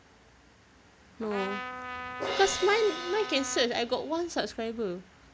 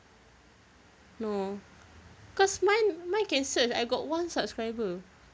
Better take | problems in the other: second | background sound (Trumpet + Crash cymbal); 8 dB below the speech

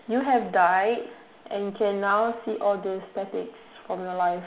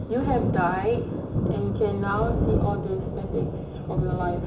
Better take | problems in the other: first | background sound (Thunder); 1 dB above the speech // room echo; dies away in 0.2 s

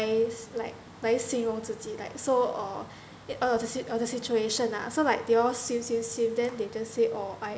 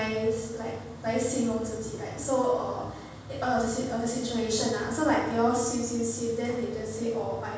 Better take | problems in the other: first | room echo; dies away in 1.2 s

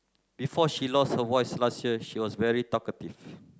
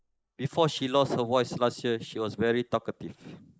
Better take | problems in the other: first | noise reduction (neural mask model Resemble Enhance denoiser)

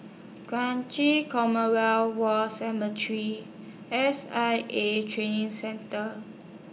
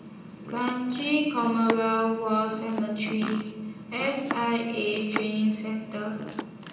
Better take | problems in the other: first | background sound (Domestic sounds, home sounds); 11 dB below the speech // room echo; dies away in 0.9 s

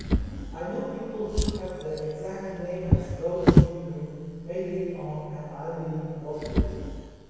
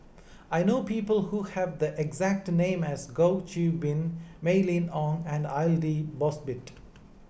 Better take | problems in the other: second | background sound (Drawer open or close); 5 dB above the speech // room echo; dies away in 2.2 s

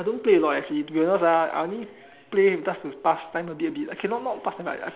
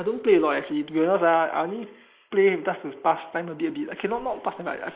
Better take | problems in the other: first | noise reduction (neural mask model Resemble Enhance denoiser)

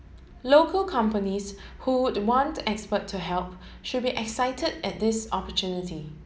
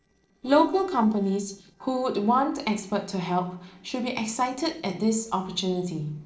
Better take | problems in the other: first | noise reduction (neural separator model SepFormer DNS4)

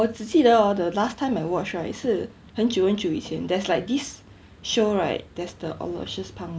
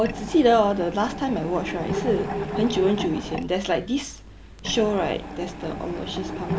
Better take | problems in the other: first | background sound (Mechanisms); 7 dB below the speech

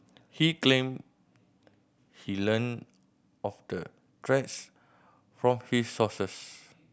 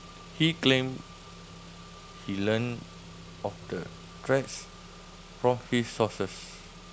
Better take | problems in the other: first | background sound (Engine / Car); 15 dB below the speech

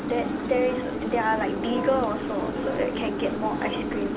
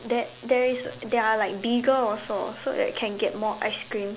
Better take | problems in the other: second | background sound (Engine); 1 dB below the speech // room echo; dies away in 0.2 s

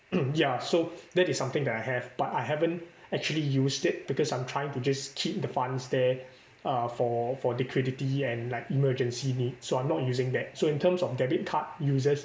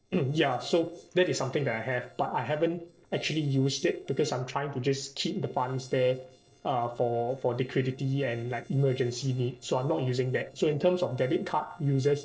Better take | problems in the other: first | noise reduction (neural separator model SepFormer DNS4)

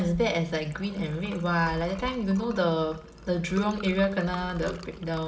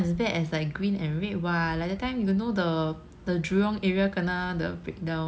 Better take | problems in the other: second | background sound (Liquid); 17 dB below the speech // room echo; dies away in 0.7 s

